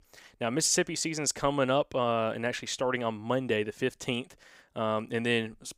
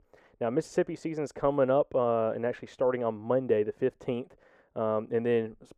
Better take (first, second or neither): first